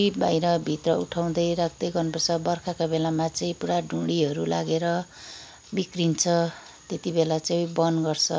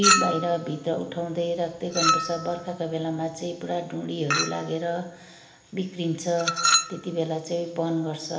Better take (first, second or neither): first